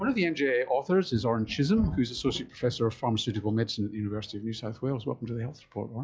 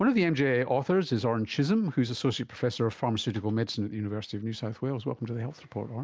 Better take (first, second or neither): second